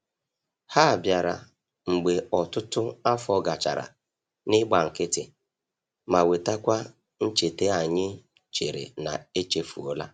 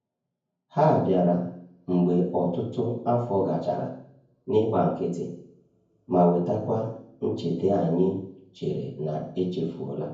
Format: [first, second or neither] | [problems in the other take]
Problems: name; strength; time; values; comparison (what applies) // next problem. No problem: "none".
first | room echo; dies away in 0.9 s